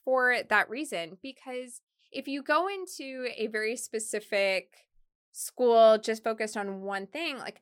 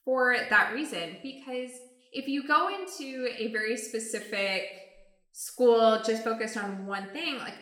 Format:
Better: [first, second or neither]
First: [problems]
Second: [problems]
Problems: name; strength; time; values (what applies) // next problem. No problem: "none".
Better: first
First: none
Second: room echo; slight; dies away in 0.7 s // off-mic speech; somewhat distant